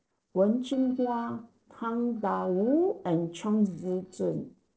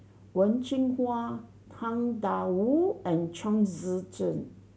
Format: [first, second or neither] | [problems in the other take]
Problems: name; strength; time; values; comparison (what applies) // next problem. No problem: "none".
second | noise reduction (neural separator model SepFormer DNS4)